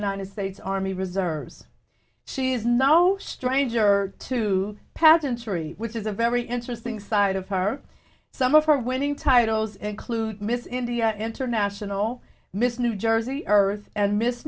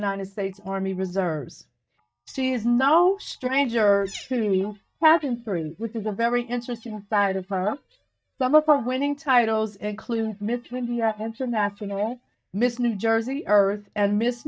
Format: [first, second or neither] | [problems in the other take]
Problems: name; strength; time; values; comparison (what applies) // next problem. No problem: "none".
first | noise reduction (neural mask model DeepFilterNet 3)